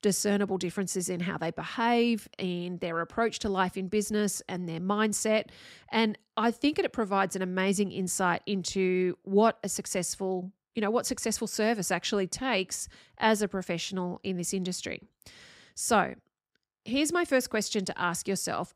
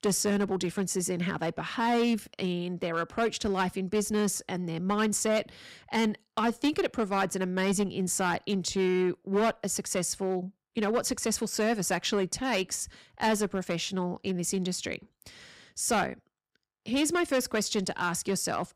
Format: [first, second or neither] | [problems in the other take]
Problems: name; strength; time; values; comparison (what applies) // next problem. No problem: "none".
first | distortion; slight; 6% of the sound clipped